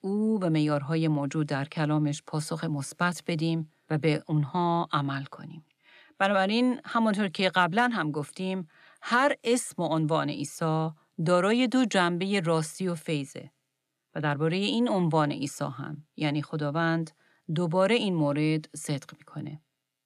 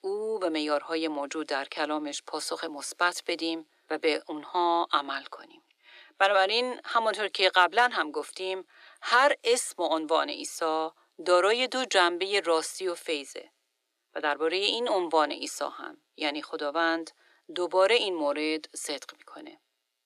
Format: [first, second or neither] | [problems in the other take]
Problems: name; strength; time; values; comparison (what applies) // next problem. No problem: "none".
first | thin; very; fading below 350 Hz